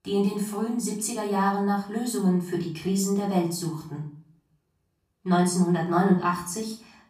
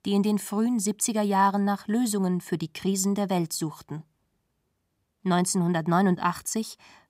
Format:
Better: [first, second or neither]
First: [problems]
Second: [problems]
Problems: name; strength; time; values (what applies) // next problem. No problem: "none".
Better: second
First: off-mic speech; far // room echo; slight; dies away in 0.4 s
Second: none